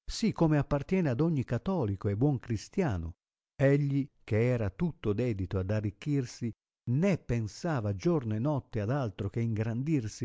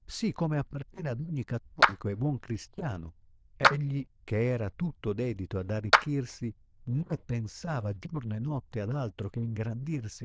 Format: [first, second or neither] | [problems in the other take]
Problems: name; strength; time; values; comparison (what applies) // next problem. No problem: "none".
first | noise reduction (neural diffusion model UNIVERSE++)